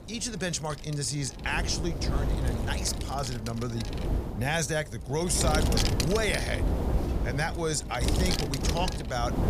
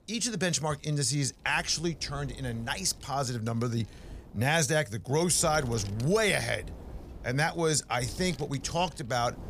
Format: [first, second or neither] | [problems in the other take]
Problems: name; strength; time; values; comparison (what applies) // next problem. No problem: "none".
second | wind noise on the microphone; heavy; 4 dB below the speech; occasional gusts in the second